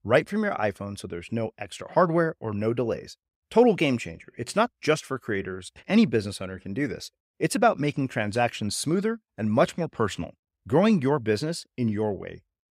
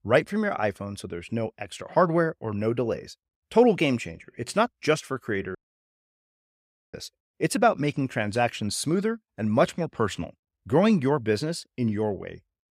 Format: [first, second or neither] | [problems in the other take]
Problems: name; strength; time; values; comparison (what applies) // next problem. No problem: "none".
first | audio cutting out; at 5.5 s for 1.5 s